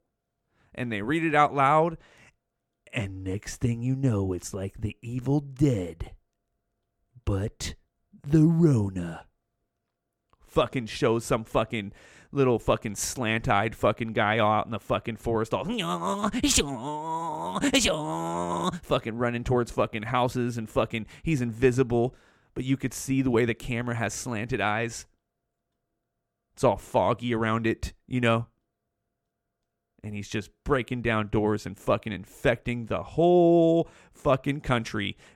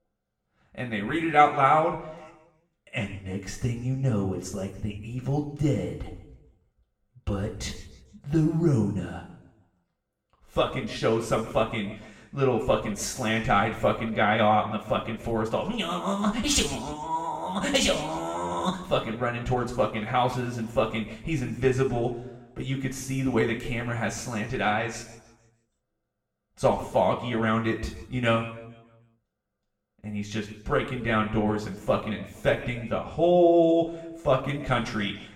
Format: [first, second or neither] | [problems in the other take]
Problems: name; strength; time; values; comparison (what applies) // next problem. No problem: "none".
first | room echo; noticeable; dies away in 0.8 s // off-mic speech; far